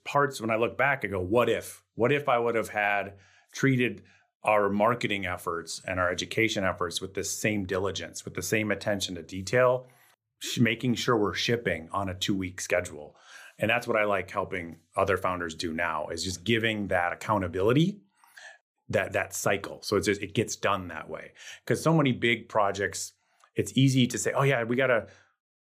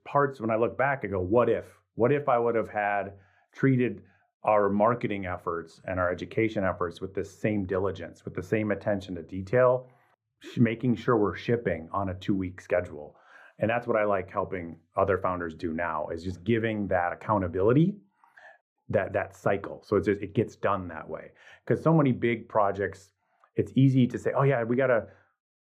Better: first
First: none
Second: muffled; very; fading above 2.5 kHz

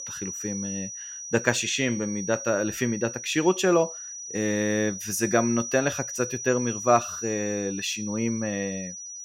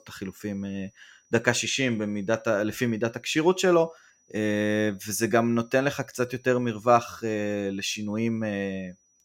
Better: second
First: high-pitched whine; loud; throughout; 6 kHz, 7 dB below the speech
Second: high-pitched whine; faint; throughout; 6 kHz, 35 dB below the speech

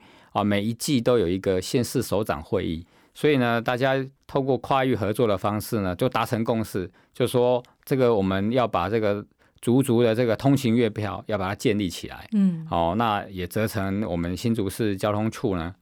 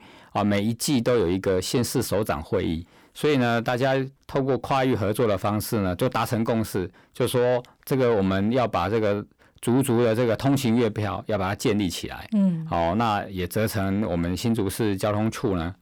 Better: first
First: none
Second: distortion; slight; 10 dB below the speech

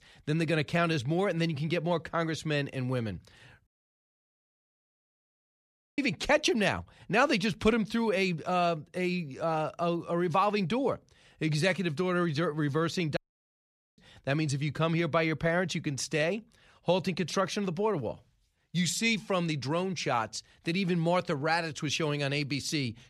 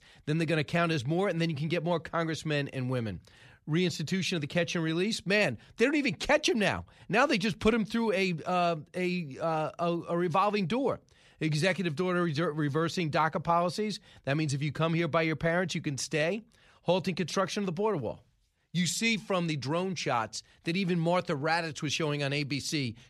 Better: second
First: audio cutting out; at 3.5 s for 2.5 s and at 13 s for 1 s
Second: none

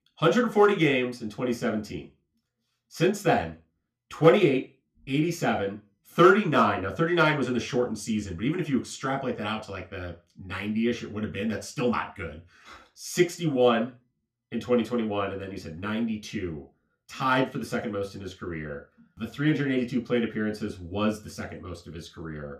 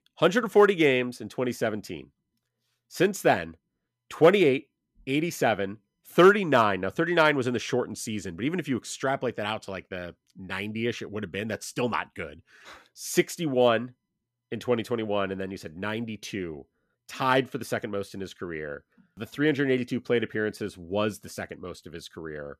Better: second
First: room echo; very slight; dies away in 0.3 s // off-mic speech; somewhat distant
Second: none

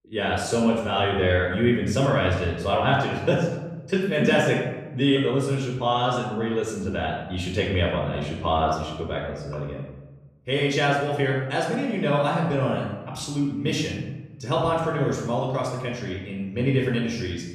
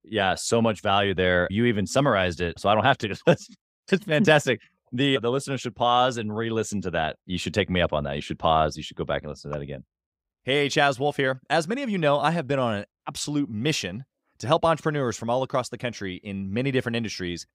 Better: second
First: off-mic speech; far // room echo; noticeable; dies away in 1 s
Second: none

